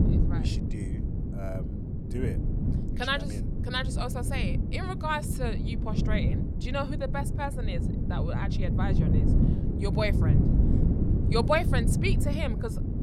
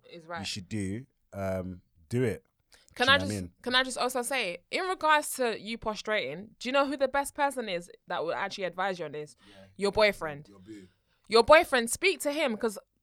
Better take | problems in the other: second | wind noise on the microphone; heavy; 6 dB below the speech

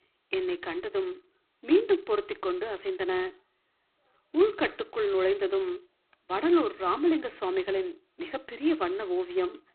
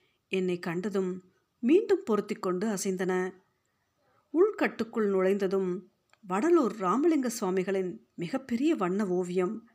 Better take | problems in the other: second | phone-call audio; poor line; nothing above 4 kHz

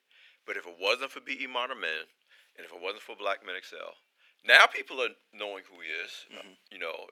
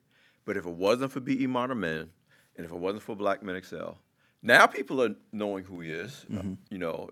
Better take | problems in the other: second | thin; very; fading below 450 Hz

